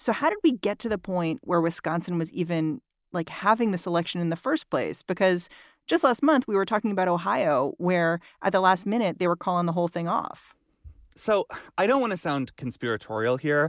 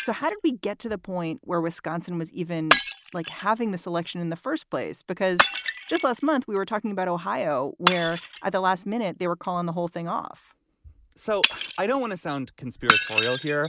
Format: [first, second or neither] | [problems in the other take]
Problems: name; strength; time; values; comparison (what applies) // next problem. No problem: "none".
first | background sound (Shatter); 3 dB below the speech